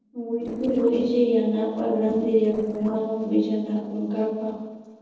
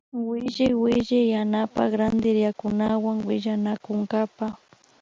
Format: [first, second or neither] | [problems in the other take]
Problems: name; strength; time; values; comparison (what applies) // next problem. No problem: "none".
second | noise reduction (neural separator model SepFormer DNS4)